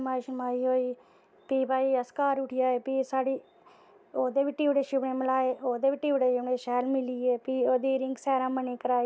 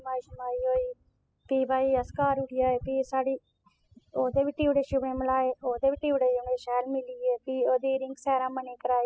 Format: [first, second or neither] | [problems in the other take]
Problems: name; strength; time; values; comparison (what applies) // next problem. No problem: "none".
first | noise reduction (classical method spectral subtraction)